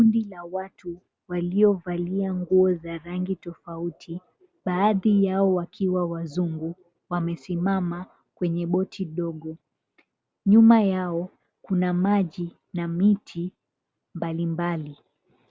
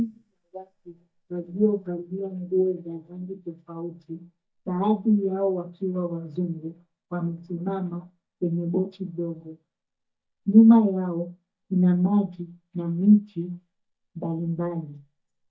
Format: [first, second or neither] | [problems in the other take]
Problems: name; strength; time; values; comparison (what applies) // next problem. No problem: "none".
first | noise reduction (neural mask model DeepFilterNet 3)